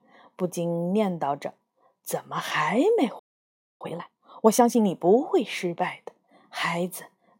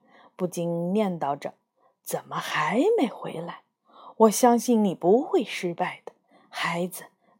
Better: second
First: audio freezing; at 3 s for 0.5 s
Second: none

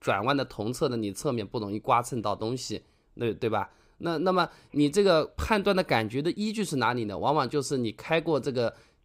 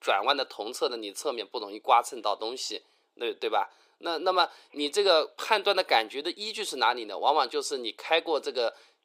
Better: first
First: none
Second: thin; very; fading below 400 Hz

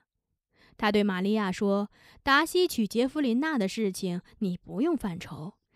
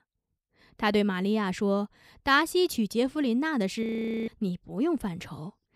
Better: first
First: none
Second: audio freezing; at 4 s

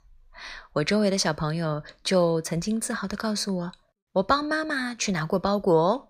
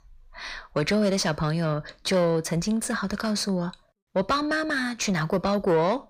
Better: first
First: none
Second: distortion; slight; 10 dB below the speech

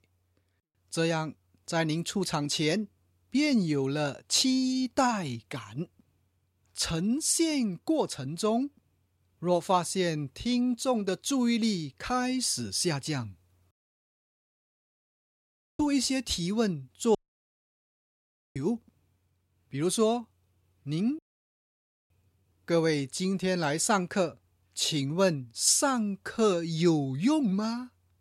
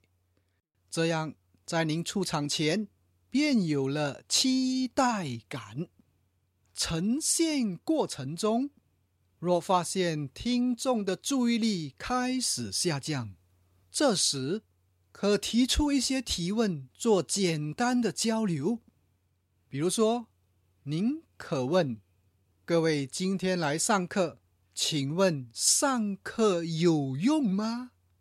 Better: second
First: audio cutting out; at 14 s for 2 s, at 17 s for 1.5 s and at 21 s for 1 s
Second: none

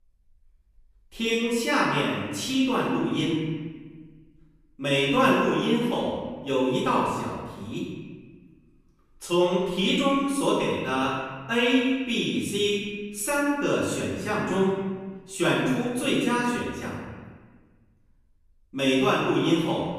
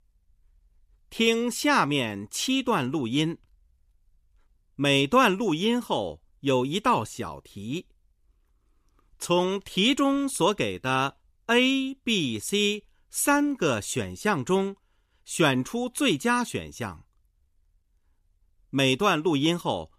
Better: second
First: room echo; noticeable; dies away in 1.3 s // off-mic speech; far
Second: none

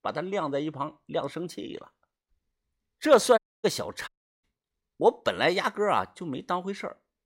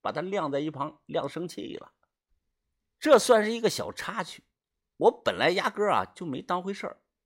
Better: second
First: audio cutting out; at 3.5 s and at 4 s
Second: none

